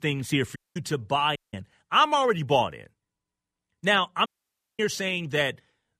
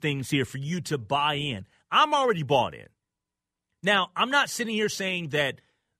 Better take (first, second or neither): second